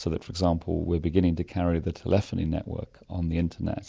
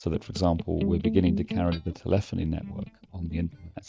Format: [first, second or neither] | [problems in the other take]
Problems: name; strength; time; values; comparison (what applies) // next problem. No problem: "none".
first | noise reduction (neural mask model DeepFilterNet 3)